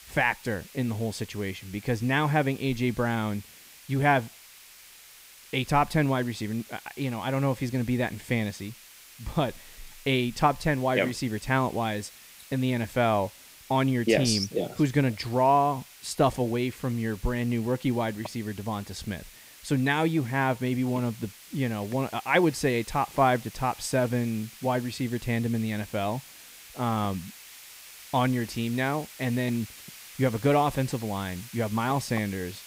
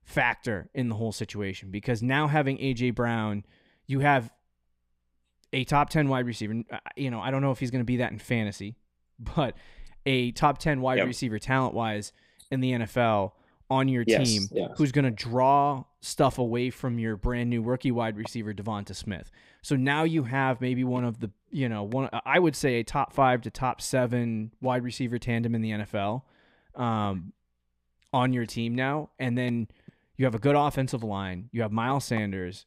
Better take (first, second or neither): second